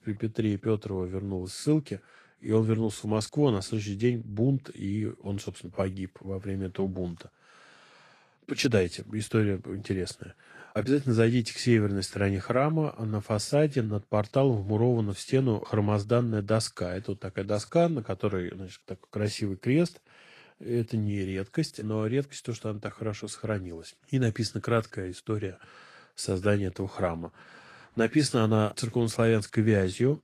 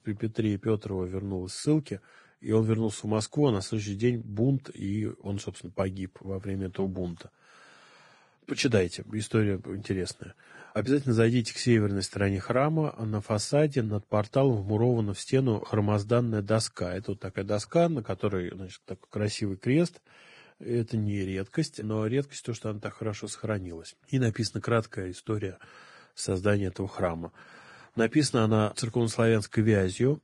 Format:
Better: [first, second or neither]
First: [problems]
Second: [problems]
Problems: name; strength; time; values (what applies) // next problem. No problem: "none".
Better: first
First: garbled, watery; slightly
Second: garbled, watery; badly; nothing above 10 kHz